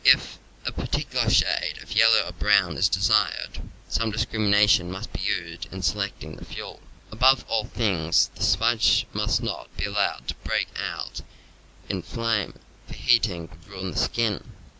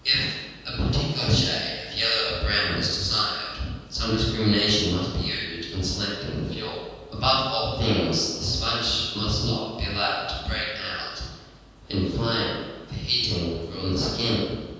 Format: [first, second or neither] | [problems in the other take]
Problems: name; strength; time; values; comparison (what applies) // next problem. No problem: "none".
first | room echo; dies away in 1.2 s